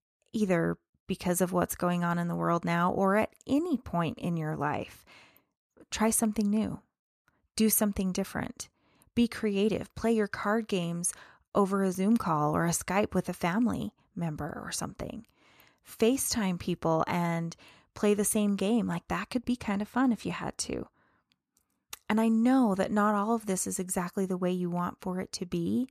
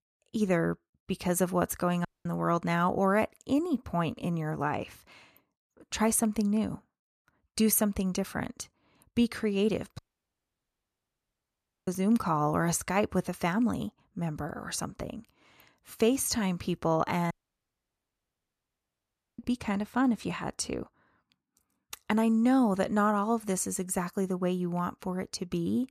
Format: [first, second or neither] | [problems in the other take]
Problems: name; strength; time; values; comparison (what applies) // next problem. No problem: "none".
first | audio cutting out; at 2 s, at 10 s for 2 s and at 17 s for 2 s